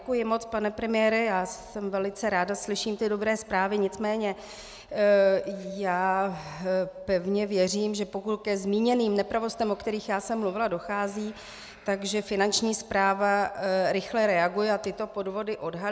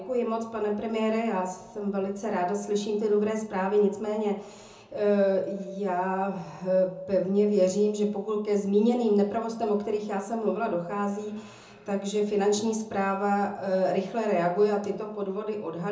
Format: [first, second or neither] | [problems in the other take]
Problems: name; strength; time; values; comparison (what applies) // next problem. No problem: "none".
first | room echo; dies away in 0.6 s